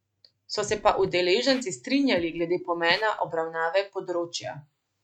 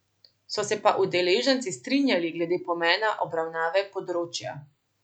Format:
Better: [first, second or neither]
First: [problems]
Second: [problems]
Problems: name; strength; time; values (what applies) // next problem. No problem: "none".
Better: second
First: noise reduction (neural mask model RNNoise)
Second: none